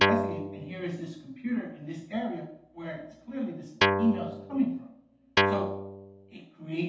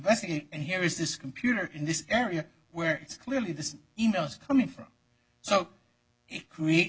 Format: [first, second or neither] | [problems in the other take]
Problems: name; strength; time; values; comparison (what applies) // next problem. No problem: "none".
second | background sound (Guitar); 5 dB above the speech // room echo; dies away in 2.2 s